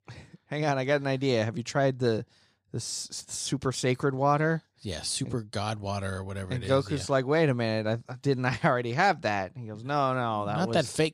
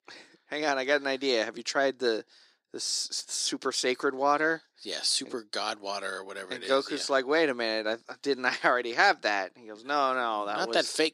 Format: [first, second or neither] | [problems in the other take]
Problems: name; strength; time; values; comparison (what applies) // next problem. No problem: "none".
first | thin; somewhat; fading below 300 Hz